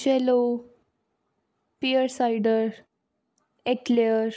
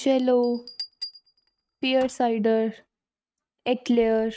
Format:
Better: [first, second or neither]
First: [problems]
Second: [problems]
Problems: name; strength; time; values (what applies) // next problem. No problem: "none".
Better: first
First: none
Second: noise reduction (neural mask model RNNoise)